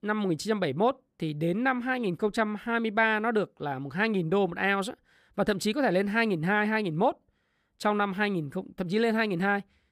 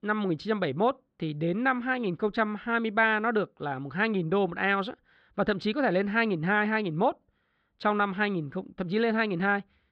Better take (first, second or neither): first